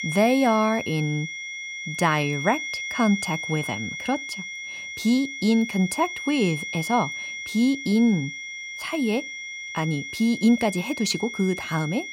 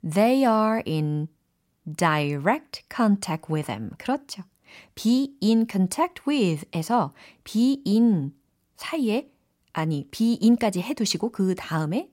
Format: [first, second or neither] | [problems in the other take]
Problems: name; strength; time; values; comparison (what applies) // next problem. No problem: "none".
second | high-pitched whine; loud; throughout; 2 kHz, 7 dB below the speech